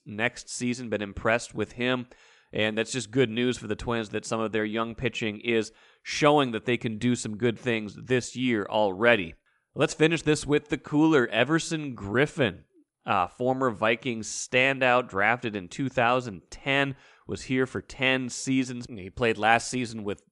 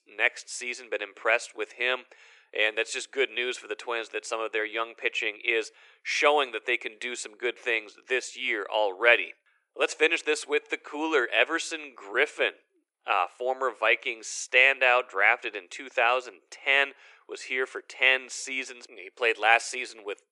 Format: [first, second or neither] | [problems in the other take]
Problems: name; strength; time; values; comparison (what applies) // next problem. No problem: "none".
first | thin; very; fading below 400 Hz